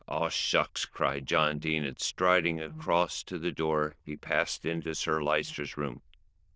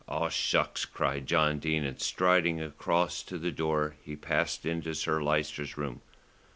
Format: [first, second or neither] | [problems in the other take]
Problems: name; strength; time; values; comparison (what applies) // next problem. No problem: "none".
second | noise reduction (neural diffusion model UNIVERSE++)